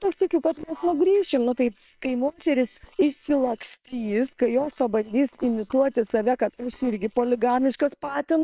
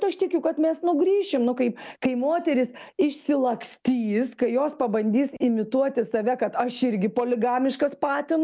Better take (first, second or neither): second